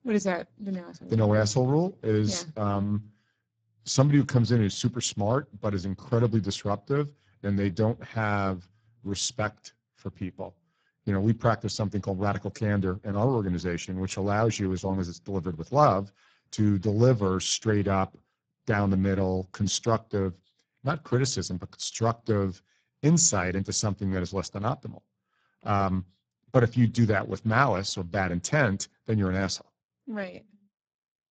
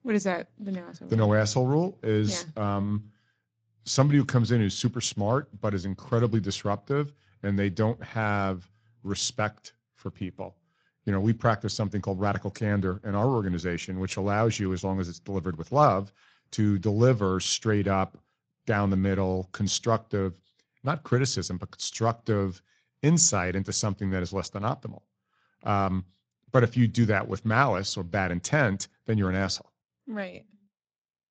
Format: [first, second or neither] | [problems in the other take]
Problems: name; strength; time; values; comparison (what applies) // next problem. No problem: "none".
second | garbled, watery; badly; nothing above 7.5 kHz; slightly in the second